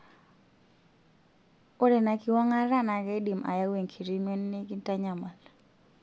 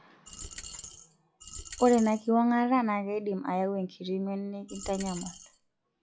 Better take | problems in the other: first | noise reduction (classical method log-MMSE)

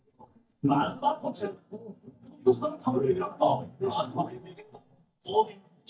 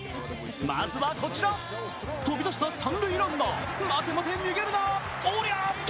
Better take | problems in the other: second | noise reduction (neural mask model DeepFilterNet 3)

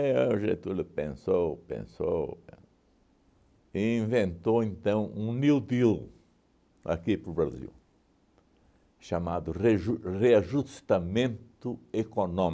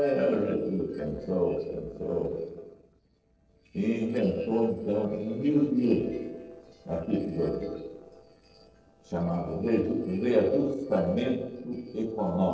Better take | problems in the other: first | noise reduction (neural separator model SepFormer DNS4)

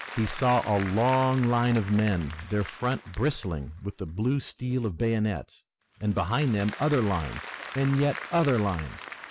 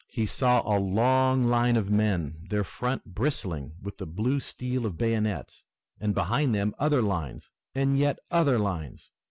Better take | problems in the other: second | background sound (Applause); 15 dB below the speech

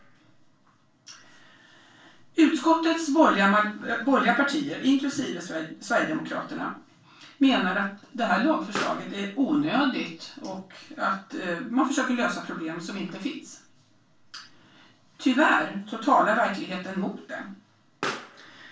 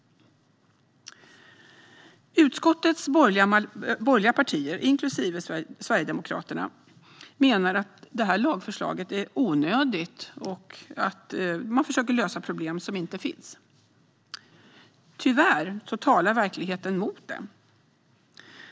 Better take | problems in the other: second | background sound (Explosion); 19 dB below the speech // room echo; dies away in 0.3 s

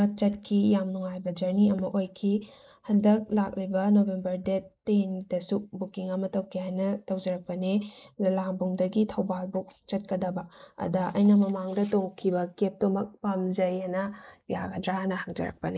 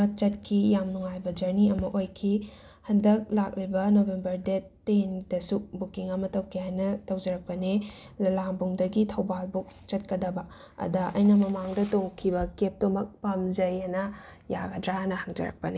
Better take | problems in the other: second | noise reduction (neural mask model Resemble Enhance denoiser)

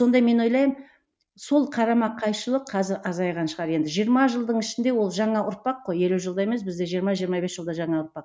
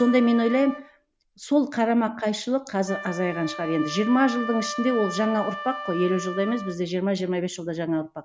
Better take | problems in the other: first | background sound (Wind instrument, woodwind instrument); 12 dB below the speech

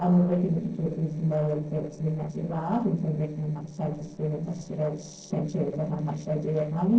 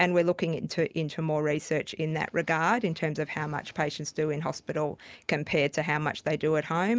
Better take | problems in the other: second | noise reduction (neural separator model SepFormer DNS4)

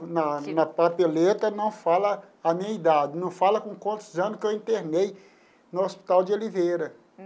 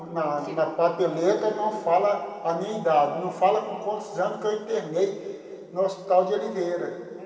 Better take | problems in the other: first | room echo; dies away in 2.5 s

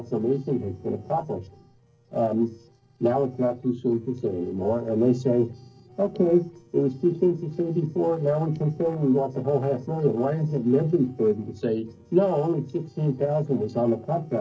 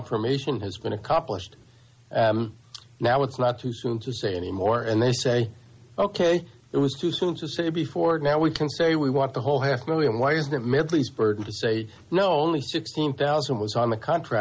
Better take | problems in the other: second | noise reduction (neural separator model SepFormer DNS4)

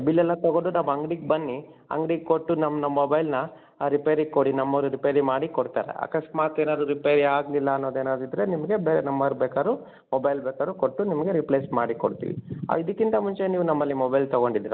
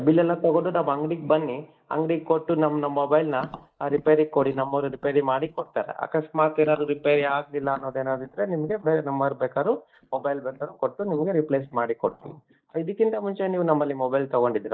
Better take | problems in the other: first | noise reduction (neural mask model DeepFilterNet 3)

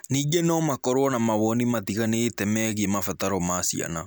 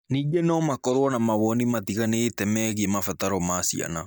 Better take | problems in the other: first | noise reduction (neural mask model DeepFilterNet 3)

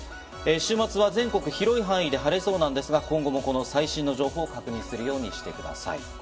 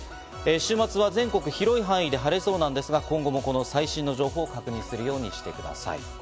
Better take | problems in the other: second | room echo; dies away in 0.3 s

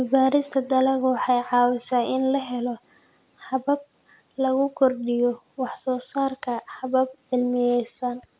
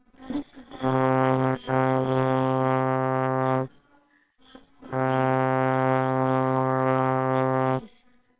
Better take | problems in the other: first | noise reduction (neural separator model SepFormer WHAMR!)

